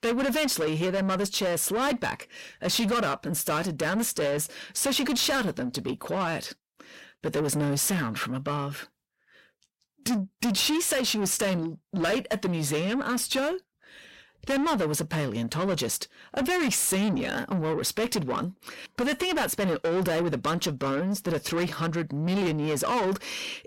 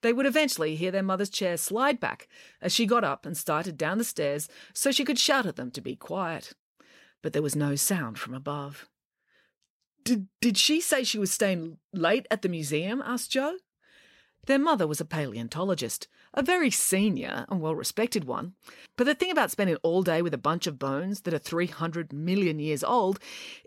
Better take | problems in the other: second | distortion; heavy; 7 dB below the speech

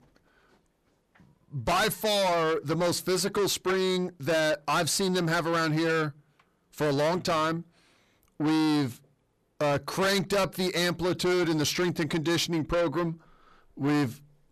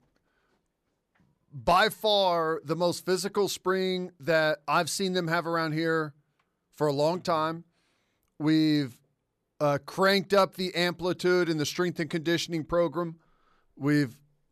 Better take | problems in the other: second | distortion; heavy; 6 dB below the speech

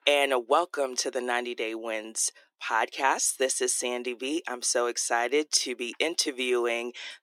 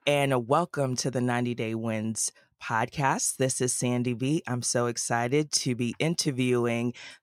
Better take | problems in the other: second | thin; somewhat; fading below 300 Hz

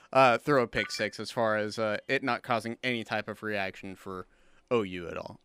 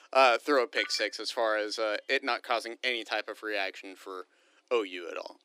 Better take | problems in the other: first | thin; somewhat; fading below 300 Hz

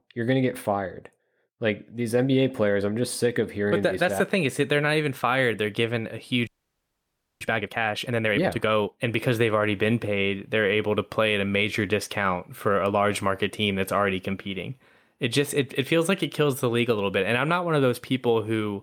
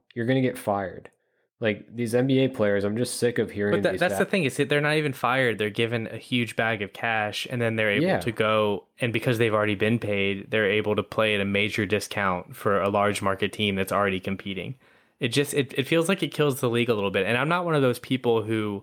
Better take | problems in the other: second | audio freezing; at 6.5 s for 1 s

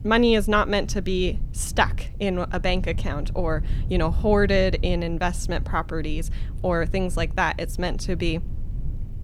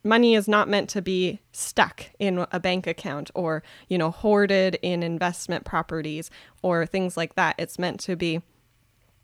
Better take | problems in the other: second | low rumble; faint; throughout; 20 dB below the speech

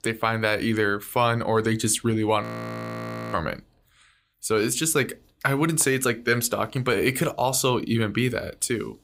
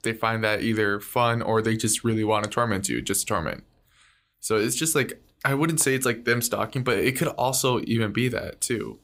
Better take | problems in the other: second | audio freezing; at 2.5 s for 1 s

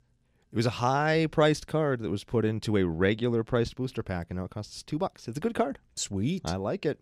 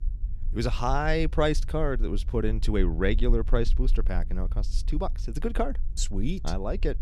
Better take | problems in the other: first | low rumble; faint; throughout; 25 dB below the speech

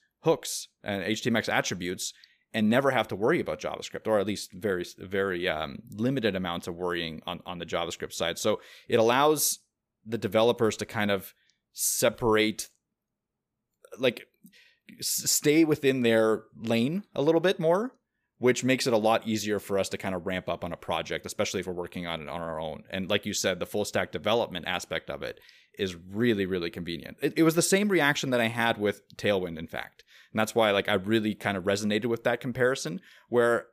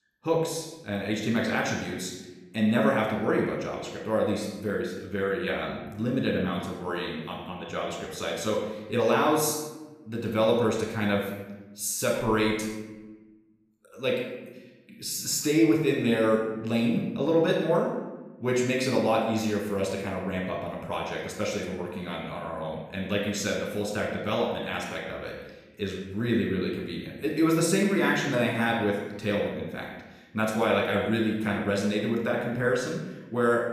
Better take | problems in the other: first | off-mic speech; somewhat distant // room echo; noticeable; dies away in 1 s

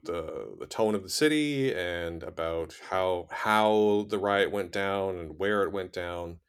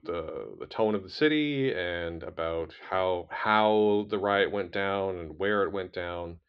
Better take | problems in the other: first | muffled; slightly; fading above 4 kHz

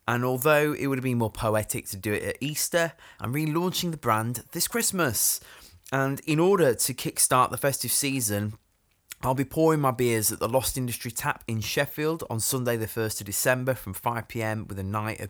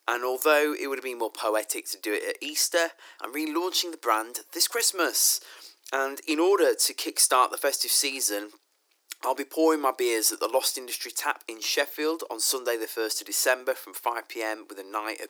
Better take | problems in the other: first | thin; very; fading below 300 Hz

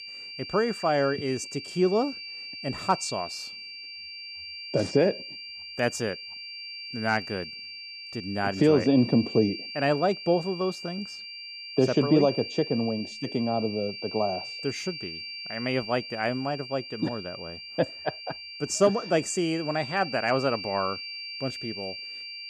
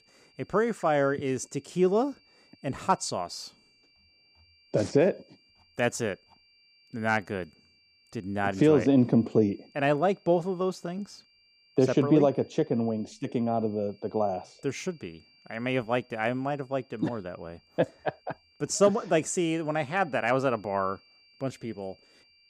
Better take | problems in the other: second | high-pitched whine; loud; throughout; 4.5 kHz, 9 dB below the speech; faint in the second

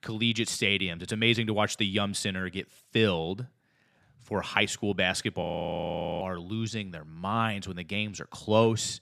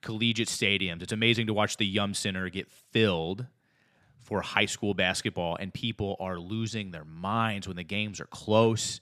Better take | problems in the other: second | audio freezing; at 5.5 s for 1 s

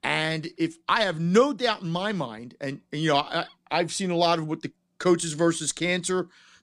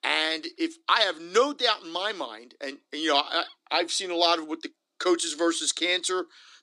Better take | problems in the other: first | thin; somewhat; fading below 300 Hz

